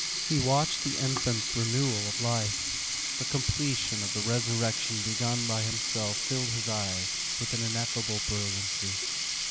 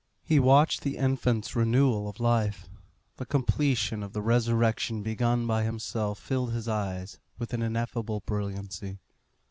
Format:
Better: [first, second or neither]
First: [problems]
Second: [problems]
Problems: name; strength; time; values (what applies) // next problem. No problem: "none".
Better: second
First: background sound (Sink (filling or washing)); 1 dB above the speech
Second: none